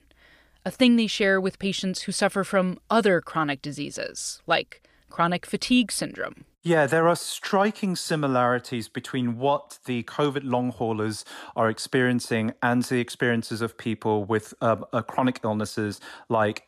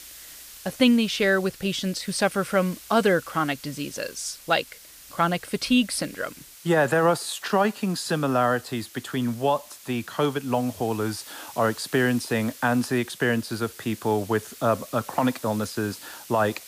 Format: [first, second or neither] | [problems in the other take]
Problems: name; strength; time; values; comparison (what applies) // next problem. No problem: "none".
first | hiss; noticeable; throughout; 20 dB below the speech